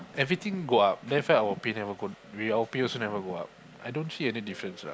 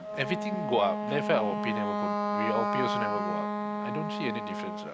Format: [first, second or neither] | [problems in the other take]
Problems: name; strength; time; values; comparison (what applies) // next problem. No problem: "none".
first | background sound (Wind instrument, woodwind instrument); 1 dB above the speech